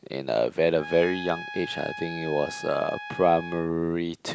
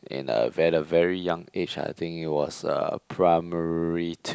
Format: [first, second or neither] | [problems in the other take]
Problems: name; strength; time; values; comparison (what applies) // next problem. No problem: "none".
second | background sound (Trumpet); 12 dB below the speech